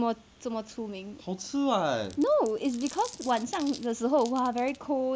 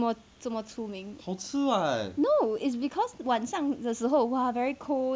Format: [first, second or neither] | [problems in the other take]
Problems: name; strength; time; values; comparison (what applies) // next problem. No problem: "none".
second | background sound (Glass); 19 dB below the speech